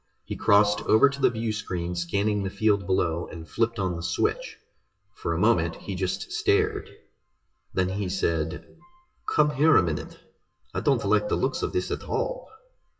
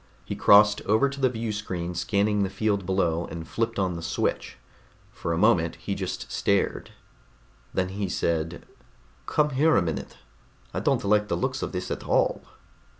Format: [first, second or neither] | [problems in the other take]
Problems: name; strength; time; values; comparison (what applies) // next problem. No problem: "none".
second | noise reduction (classical method WPE with log-MMSE)